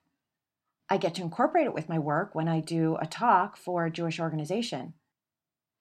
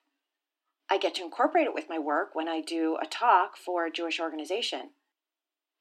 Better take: first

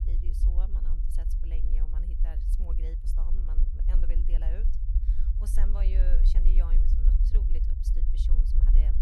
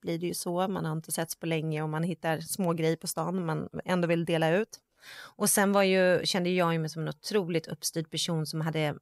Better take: second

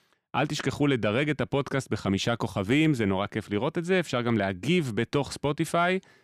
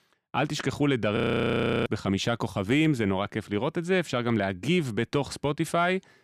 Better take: first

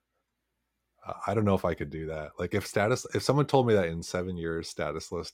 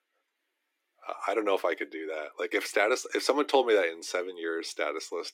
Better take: first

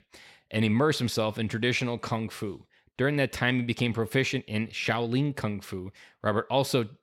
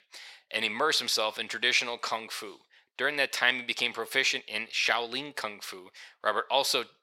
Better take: first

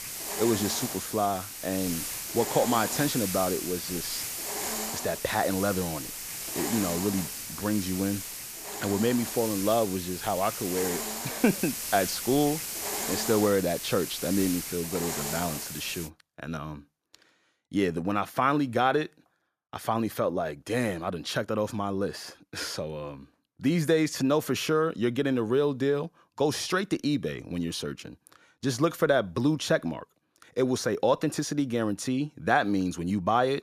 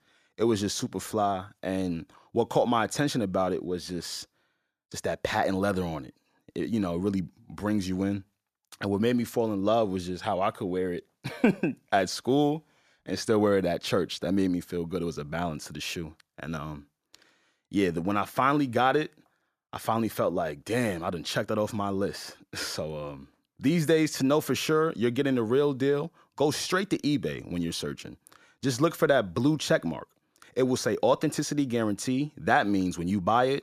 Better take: second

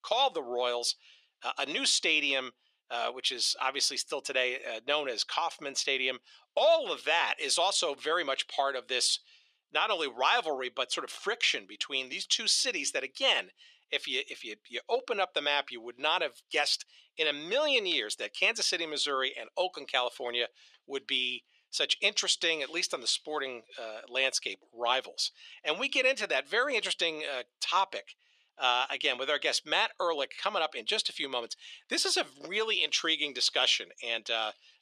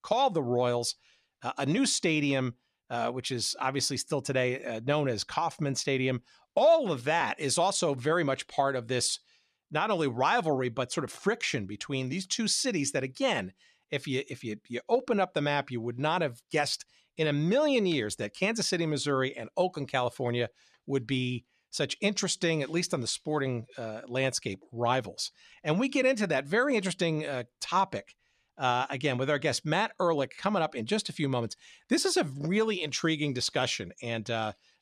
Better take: second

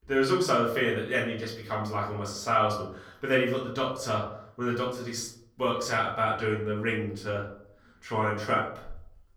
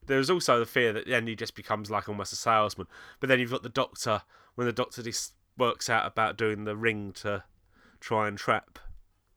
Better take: second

